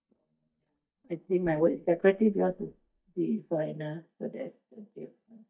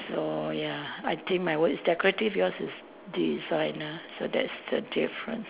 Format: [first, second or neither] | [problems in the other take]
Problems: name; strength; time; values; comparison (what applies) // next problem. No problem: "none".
second | noise reduction (neural mask model DeepFilterNet 3)